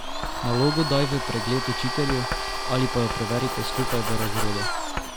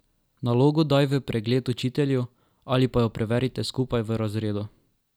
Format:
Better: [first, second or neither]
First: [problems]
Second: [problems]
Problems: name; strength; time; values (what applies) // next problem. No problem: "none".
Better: second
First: background sound (Domestic sounds, home sounds + Writing); 1 dB below the speech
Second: none